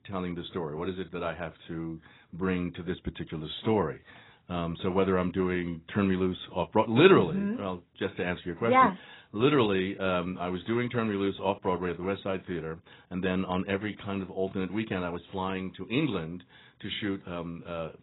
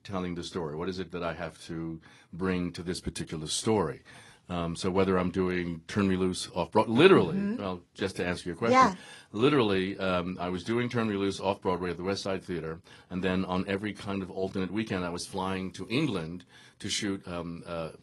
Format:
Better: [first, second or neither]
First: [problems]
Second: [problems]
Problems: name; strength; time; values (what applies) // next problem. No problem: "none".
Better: second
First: garbled, watery; badly; nothing above 4 kHz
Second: garbled, watery; slightly